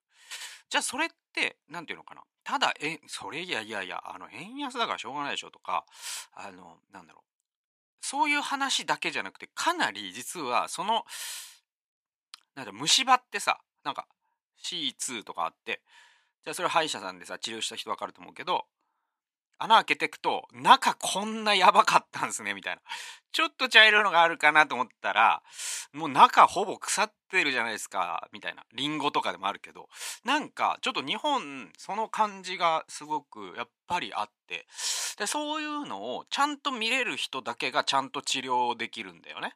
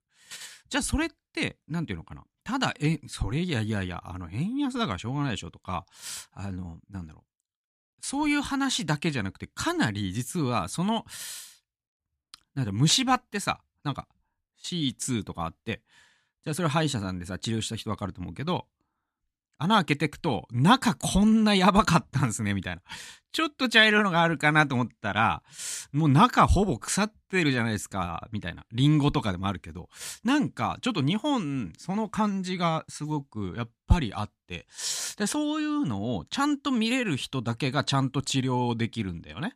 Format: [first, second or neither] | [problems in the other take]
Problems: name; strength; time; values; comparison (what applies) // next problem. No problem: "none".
second | thin; very; fading below 550 Hz